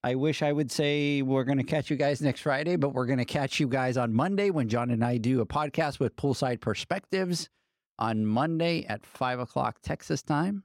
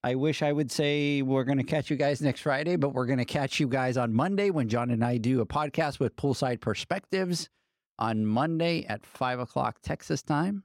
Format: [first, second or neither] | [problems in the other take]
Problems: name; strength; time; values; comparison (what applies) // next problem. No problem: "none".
neither | none